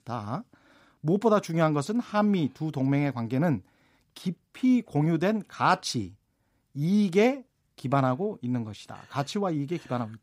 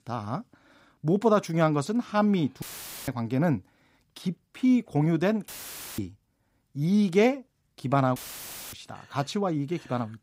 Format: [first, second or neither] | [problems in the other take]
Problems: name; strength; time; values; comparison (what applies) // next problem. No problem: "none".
first | audio cutting out; filled with static; at 2.5 s, at 5.5 s for 0.5 s and at 8 s for 0.5 s